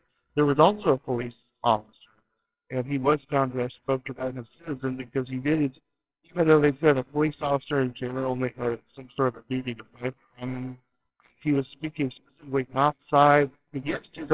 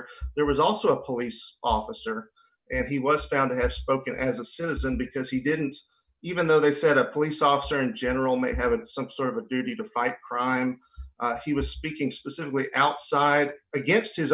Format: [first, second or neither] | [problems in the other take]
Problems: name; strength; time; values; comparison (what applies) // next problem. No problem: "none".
second | noise reduction (neural separator model SepFormer WHAMR!)